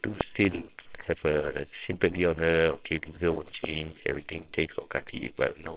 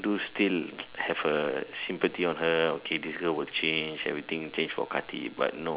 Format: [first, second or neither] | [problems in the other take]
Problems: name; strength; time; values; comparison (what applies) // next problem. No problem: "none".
second | noise reduction (neural separator model SepFormer WHAMR!)